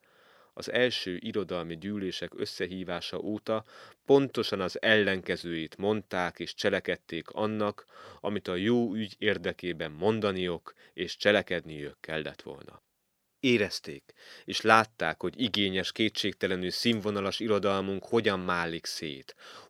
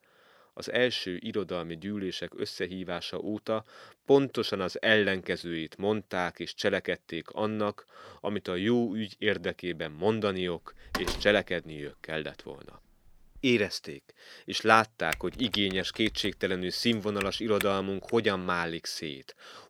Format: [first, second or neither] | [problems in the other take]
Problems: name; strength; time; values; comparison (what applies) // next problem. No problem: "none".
first | door banging; noticeable; from 11 to 13 s; peak 5 dB below the speech // keyboard typing; noticeable; from 15 to 18 s; peak 8 dB below the speech